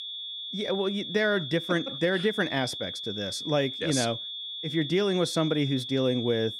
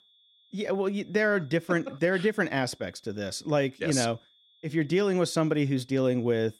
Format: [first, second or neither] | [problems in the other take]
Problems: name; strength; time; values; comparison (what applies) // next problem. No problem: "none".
second | high-pitched whine; loud; throughout; 3.5 kHz, 6 dB below the speech; faint in the second